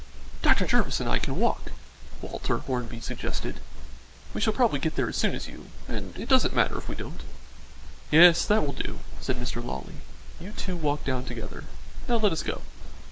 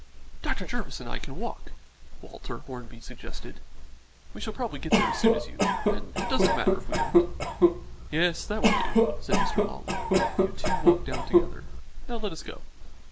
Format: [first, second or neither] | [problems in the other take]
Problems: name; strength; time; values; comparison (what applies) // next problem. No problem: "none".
first | background sound (Cough); 3 dB above the speech